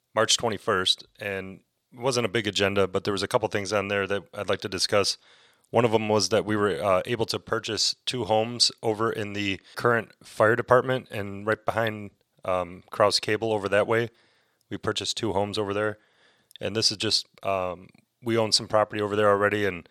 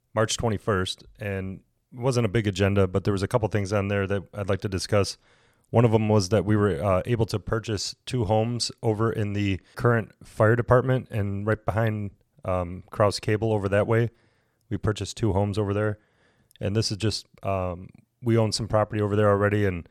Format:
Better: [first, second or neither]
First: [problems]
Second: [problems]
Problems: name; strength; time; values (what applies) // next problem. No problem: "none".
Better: second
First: thin; somewhat; fading below 500 Hz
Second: none